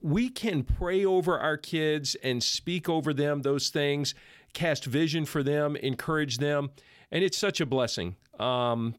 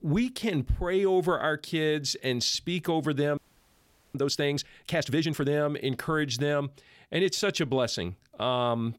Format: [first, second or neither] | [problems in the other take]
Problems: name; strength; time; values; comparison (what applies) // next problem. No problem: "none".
first | audio freezing; at 3.5 s for 1 s